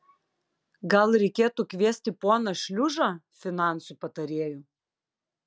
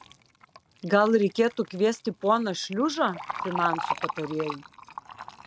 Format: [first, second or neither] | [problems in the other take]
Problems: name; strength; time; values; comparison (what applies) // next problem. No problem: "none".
first | noise reduction (neural mask model RNNoise)